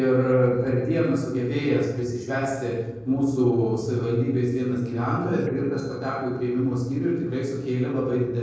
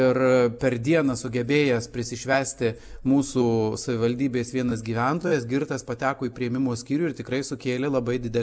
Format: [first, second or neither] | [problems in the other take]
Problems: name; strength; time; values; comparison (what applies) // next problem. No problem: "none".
second | noise reduction (neural separator model SepFormer DNS4)